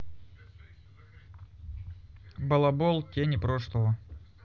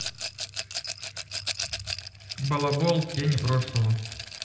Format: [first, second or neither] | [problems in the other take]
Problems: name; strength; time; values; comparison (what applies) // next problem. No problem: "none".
first | background sound (Rattle); 8 dB below the speech // room echo; dies away in 0.9 s